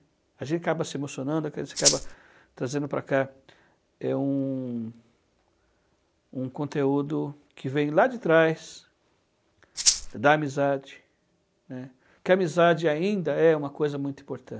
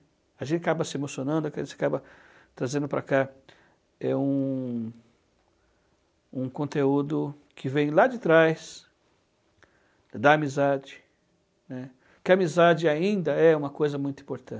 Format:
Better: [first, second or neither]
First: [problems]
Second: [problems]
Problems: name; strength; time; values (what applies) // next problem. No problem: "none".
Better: second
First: background sound (Rattle (instrument)); 3 dB above the speech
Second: none